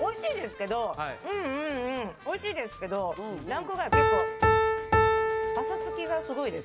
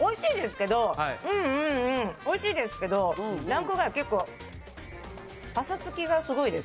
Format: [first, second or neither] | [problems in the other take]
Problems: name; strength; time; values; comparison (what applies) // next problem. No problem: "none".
second | background sound (Piano); 3 dB above the speech